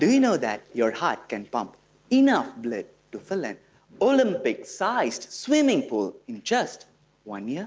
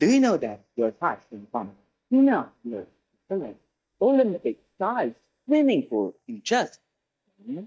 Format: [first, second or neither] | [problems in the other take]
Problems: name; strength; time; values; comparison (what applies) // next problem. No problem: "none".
first | noise reduction (neural mask model DeepFilterNet 3)